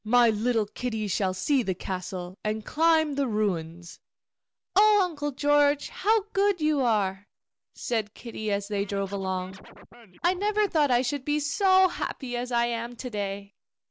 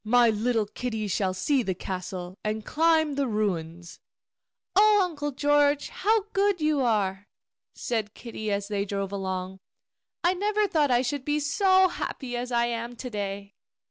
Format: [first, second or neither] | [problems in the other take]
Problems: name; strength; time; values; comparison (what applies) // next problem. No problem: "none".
second | noise reduction (neural mask model Resemble Enhance denoiser)